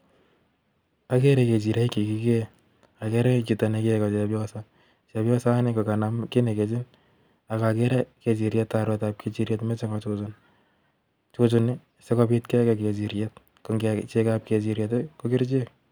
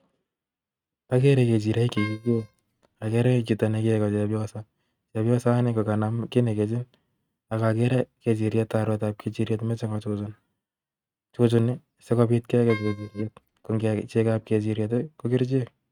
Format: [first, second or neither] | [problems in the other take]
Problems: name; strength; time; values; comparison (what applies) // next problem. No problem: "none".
first | noise reduction (neural mask model RNNoise)